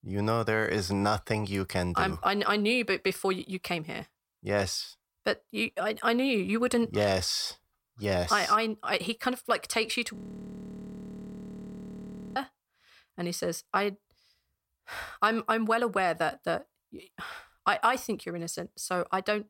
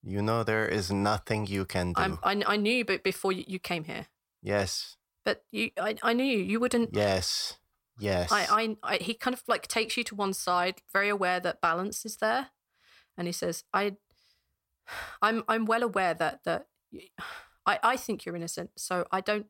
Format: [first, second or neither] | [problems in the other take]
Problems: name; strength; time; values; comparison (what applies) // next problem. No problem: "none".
second | audio freezing; at 10 s for 2 s